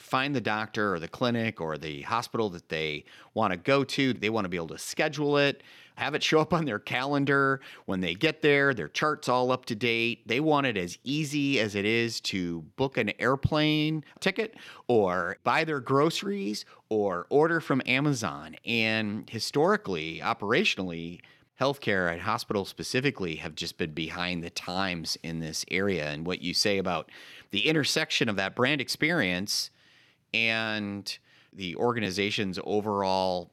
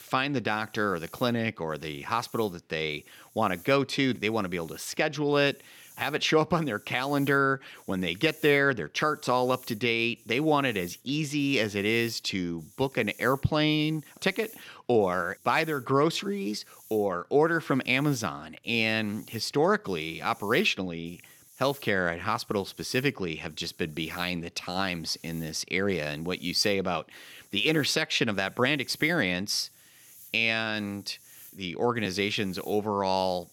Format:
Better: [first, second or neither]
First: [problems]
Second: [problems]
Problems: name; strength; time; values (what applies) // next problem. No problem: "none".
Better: first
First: none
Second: hiss; faint; throughout; 25 dB below the speech